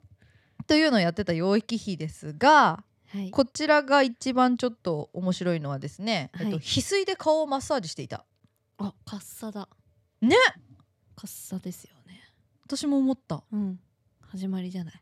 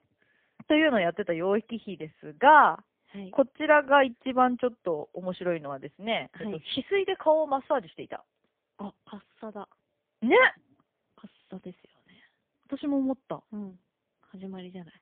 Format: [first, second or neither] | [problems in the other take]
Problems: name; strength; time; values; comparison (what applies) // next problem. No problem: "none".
first | phone-call audio; poor line; nothing above 3 kHz